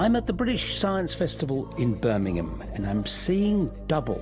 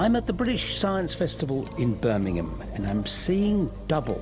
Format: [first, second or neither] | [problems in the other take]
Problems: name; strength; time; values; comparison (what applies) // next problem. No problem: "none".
first | background sound (Motor vehicle (road)); 19 dB below the speech